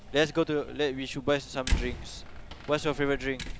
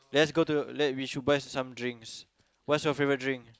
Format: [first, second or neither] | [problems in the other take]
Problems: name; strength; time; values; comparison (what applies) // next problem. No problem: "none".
second | background sound (Slam); 6 dB below the speech